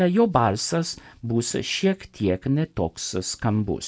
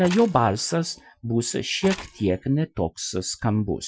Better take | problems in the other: first | noise reduction (classical method Wiener filter)

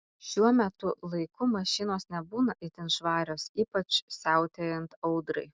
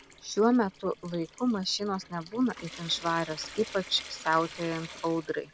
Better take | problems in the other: first | background sound (Trickle, dribble / Sink (filling or washing) / Water tap, faucet); 17 dB below the speech

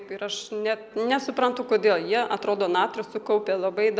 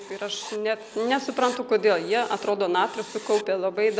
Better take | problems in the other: first | background sound (Writing); 19 dB below the speech

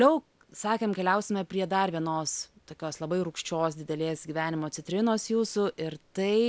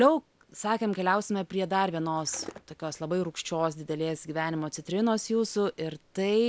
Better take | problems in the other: first | background sound (Skateboard); 15 dB below the speech

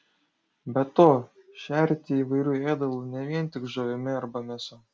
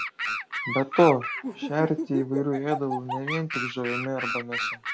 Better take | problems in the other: first | background sound (Animal); 5 dB below the speech

